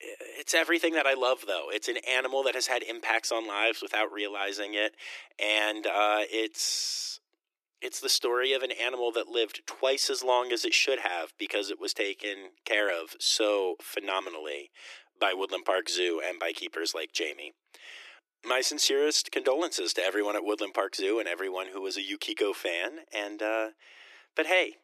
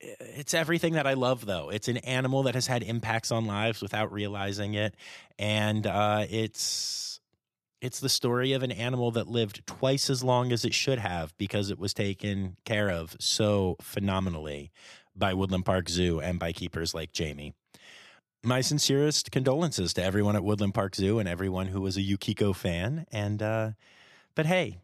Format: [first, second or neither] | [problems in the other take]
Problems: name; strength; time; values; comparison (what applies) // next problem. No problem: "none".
second | thin; very; fading below 300 Hz